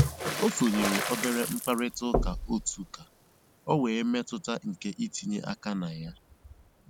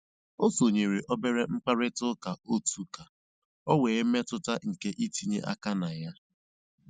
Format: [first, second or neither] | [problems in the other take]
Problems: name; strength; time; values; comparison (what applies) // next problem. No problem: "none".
second | background sound (Water / Splash, splatter + Knock); 4 dB below the speech